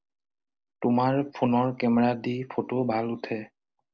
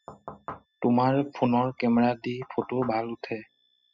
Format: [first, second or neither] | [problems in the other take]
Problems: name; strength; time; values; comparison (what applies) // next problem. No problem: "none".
first | noise reduction (classical method spectral subtraction)